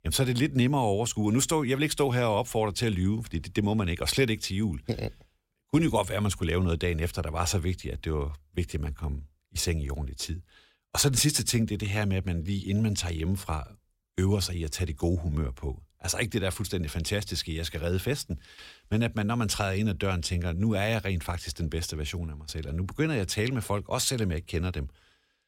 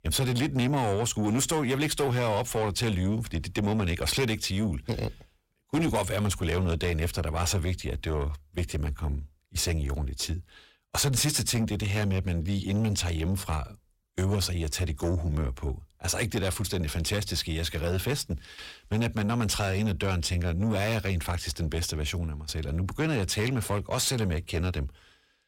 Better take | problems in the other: first | distortion; slight; 10 dB below the speech

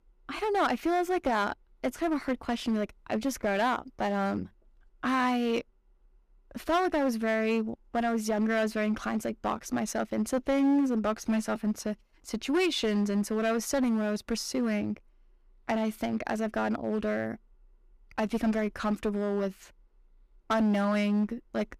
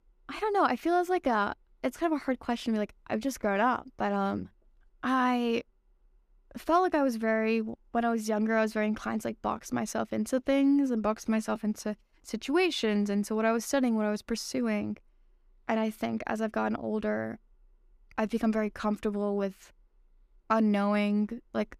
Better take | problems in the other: second | distortion; slight; 7% of the sound clipped

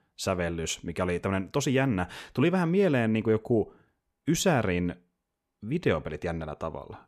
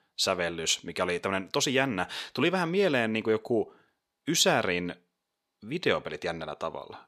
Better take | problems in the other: first | thin; very slightly; fading below 500 Hz

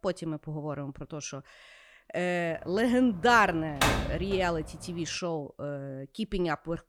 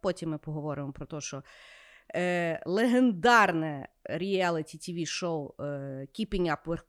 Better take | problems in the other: second | door banging; loud; from 3.5 to 4.5 s; peak 3 dB above the speech

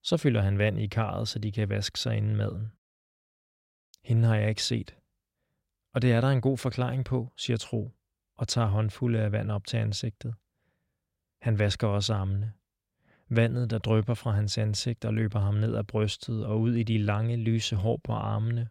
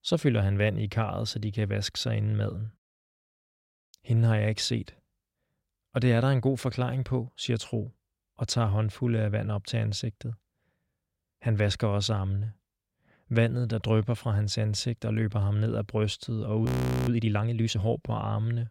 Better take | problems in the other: first | audio freezing; at 17 s

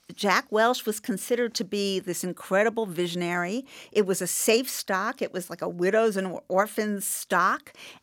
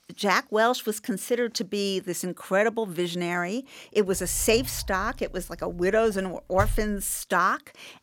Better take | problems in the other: first | door banging; noticeable; from 4 to 7 s; peak 6 dB below the speech

